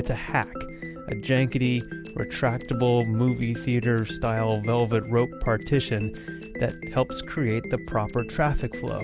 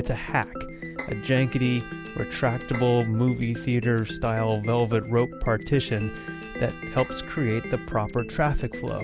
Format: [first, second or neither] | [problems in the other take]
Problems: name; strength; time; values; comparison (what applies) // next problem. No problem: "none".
first | background sound (Bowed string instrument + Bowed string instrument); 18 dB below the speech